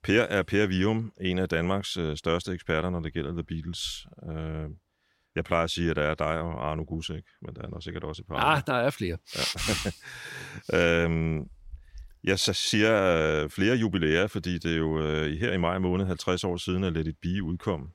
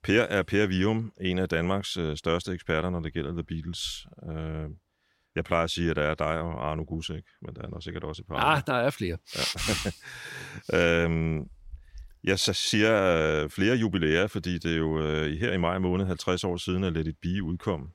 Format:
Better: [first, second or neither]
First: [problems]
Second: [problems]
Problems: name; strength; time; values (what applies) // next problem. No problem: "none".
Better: neither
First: none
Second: none